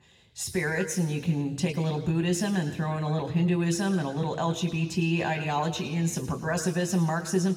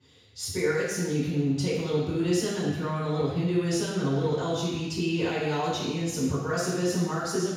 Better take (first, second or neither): first